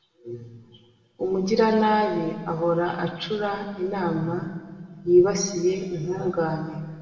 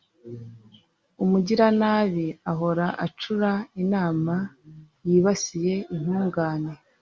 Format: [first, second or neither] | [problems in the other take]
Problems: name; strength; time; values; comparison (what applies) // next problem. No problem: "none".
second | room echo; dies away in 1.7 s